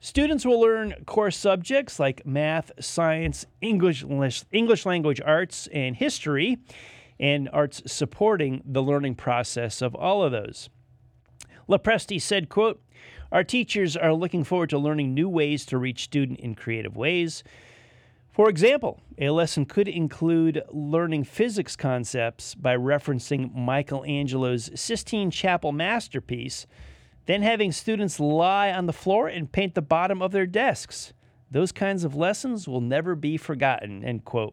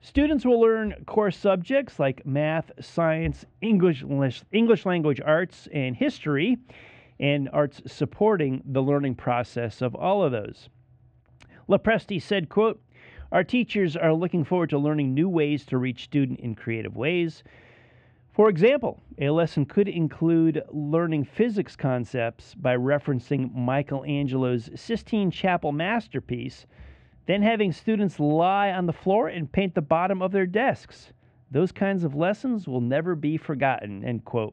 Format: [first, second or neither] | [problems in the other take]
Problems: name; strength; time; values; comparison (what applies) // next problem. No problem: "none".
first | muffled; slightly; fading above 2.5 kHz